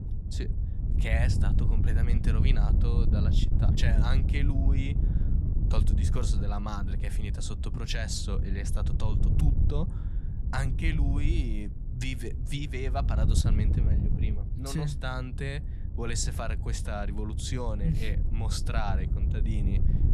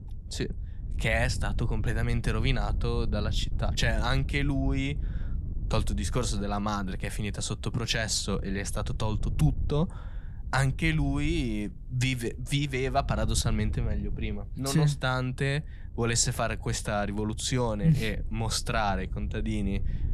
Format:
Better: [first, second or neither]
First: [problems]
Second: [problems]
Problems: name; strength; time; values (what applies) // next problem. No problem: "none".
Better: second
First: wind noise on the microphone; heavy; 6 dB below the speech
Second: wind noise on the microphone; occasional gusts; 20 dB below the speech